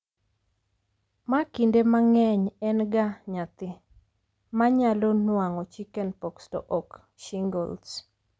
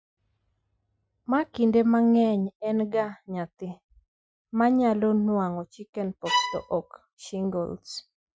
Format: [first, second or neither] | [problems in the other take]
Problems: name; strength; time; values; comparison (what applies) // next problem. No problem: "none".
first | noise reduction (classical method Wiener filter)